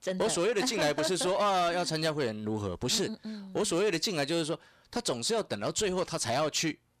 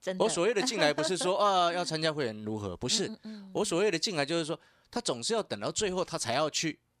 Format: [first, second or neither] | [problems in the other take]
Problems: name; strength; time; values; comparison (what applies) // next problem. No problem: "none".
second | distortion; slight; 10 dB below the speech